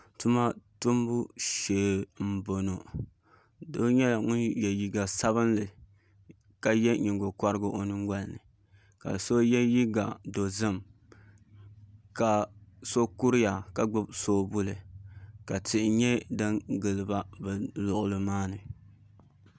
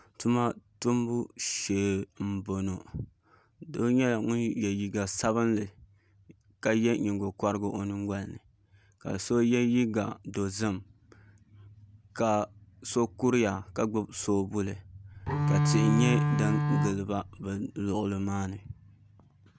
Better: first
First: none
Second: background sound (Bowed string instrument); 3 dB above the speech

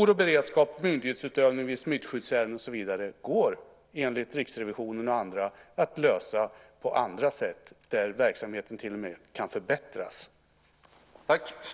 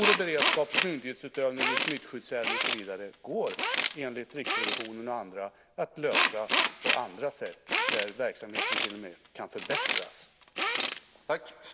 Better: first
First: none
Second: background sound (Tools); 3 dB above the speech

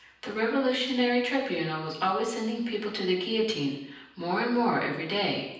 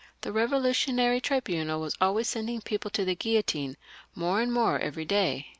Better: second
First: room echo; dies away in 0.9 s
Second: none

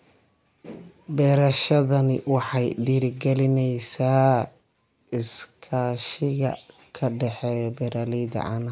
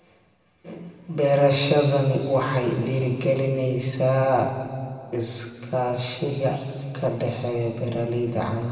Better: first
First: none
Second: room echo; dies away in 2 s

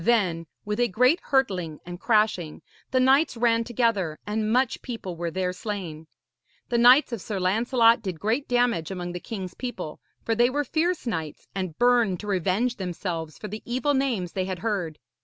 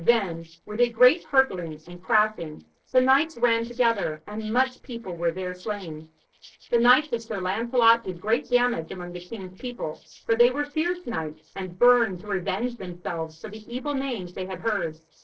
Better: first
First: none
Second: noise reduction (neural separator model SepFormer DNS4)

